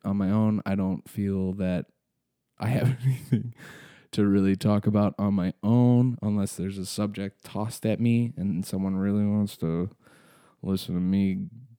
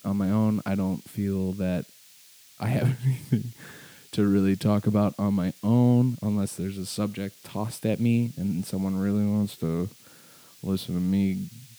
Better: first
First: none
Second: hiss; faint; throughout; 25 dB below the speech

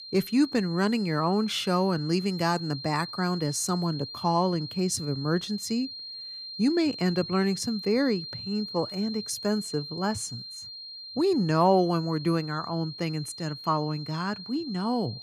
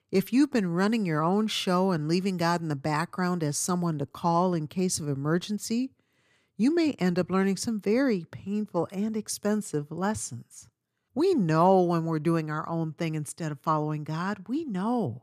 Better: second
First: high-pitched whine; noticeable; throughout; 4 kHz, 10 dB below the speech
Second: none

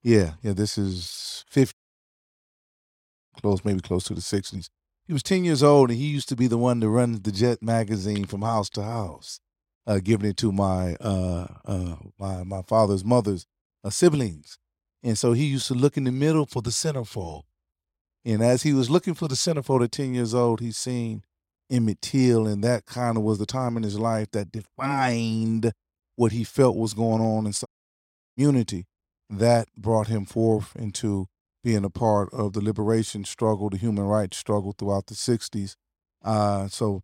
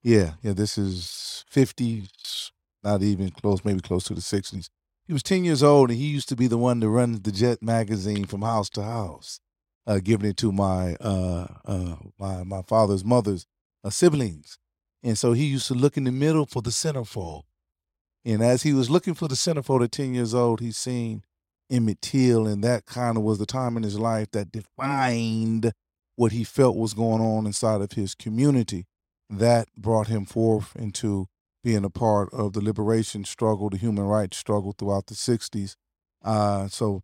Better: second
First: audio cutting out; at 1.5 s for 1.5 s and at 28 s for 0.5 s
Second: none

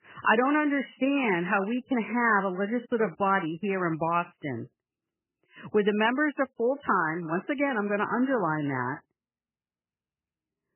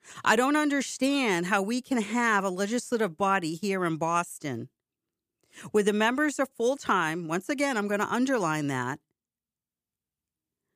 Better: second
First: garbled, watery; badly; nothing above 3 kHz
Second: none

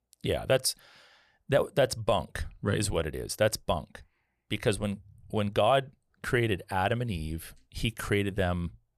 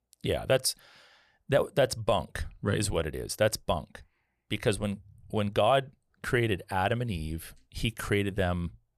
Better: neither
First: none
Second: none

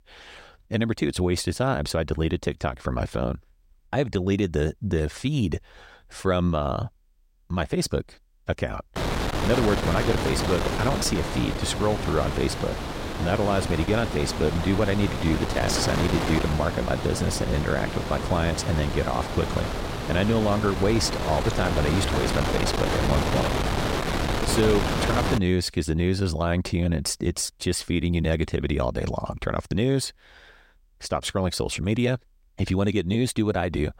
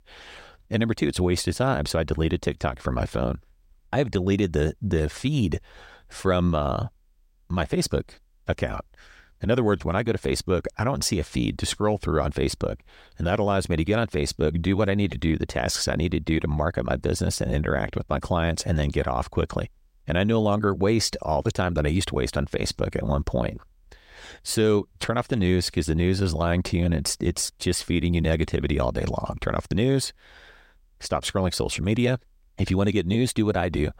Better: second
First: wind noise on the microphone; heavy; from 9 to 25 s; 1 dB below the speech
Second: none

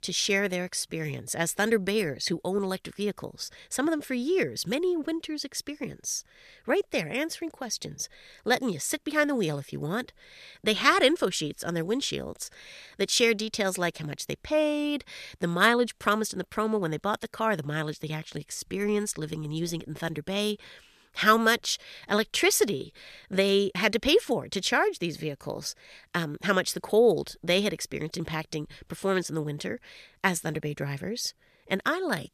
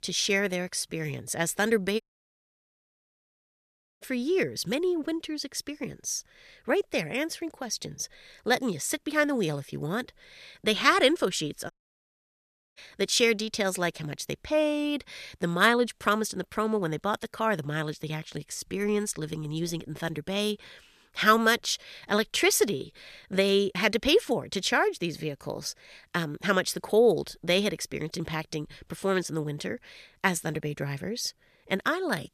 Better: first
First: none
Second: audio cutting out; at 2 s for 2 s and at 12 s for 1 s

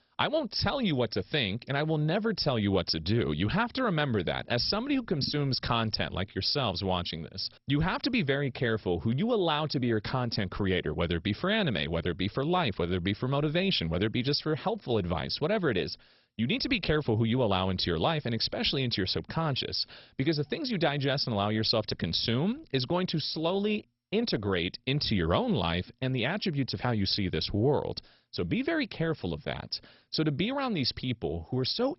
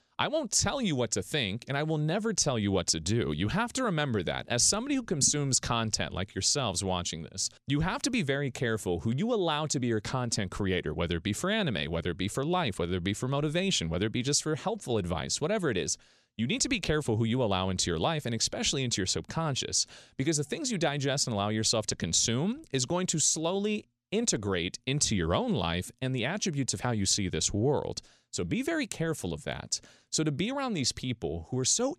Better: second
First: garbled, watery; badly; nothing above 5.5 kHz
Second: none

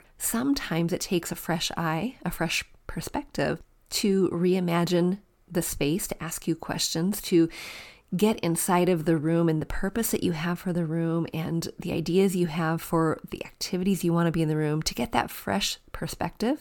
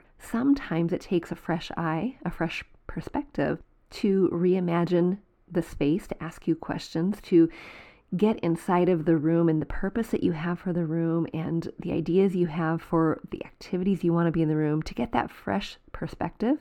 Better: first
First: none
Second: muffled; slightly; fading above 4 kHz

